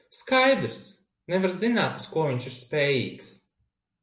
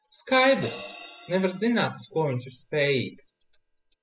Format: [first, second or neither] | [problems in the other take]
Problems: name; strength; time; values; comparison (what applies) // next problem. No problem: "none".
first | noise reduction (classical method spectral subtraction)